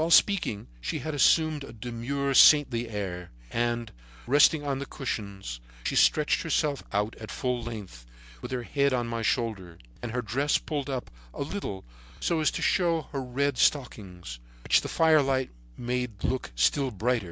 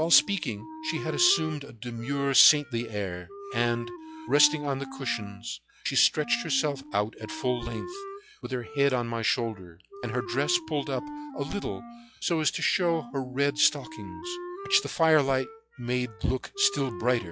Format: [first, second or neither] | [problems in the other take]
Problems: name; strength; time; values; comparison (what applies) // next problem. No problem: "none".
first | noise reduction (classical method log-MMSE)